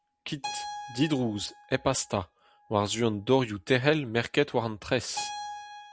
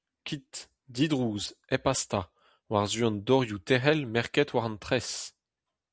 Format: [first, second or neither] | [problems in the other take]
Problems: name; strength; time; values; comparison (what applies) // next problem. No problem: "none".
second | background sound (Keyboard (musical)); 14 dB below the speech